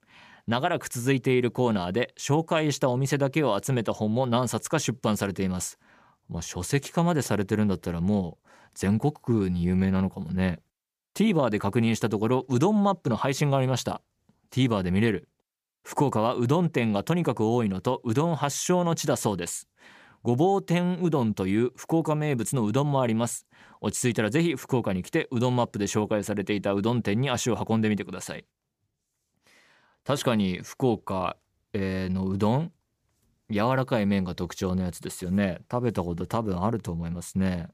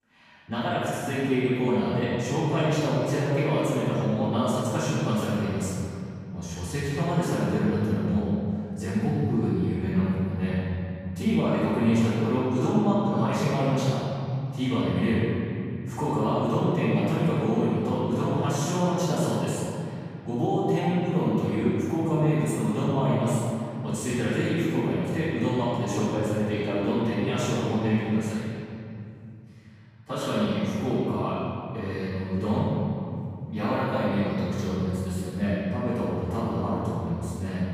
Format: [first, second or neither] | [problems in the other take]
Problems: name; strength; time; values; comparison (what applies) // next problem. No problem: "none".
first | room echo; strong; dies away in 3 s // off-mic speech; far